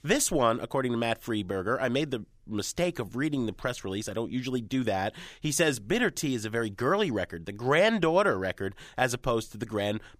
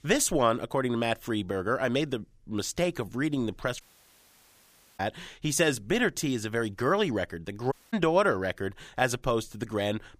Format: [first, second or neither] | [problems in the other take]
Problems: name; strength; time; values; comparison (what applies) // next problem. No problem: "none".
first | audio cutting out; at 4 s for 1 s and at 7.5 s